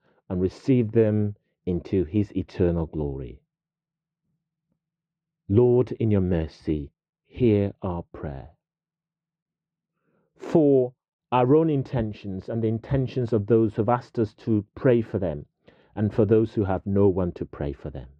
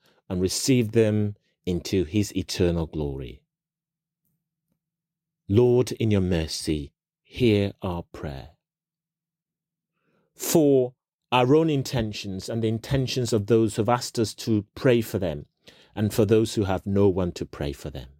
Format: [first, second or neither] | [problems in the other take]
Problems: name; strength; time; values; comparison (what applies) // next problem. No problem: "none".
second | muffled; very; fading above 1.5 kHz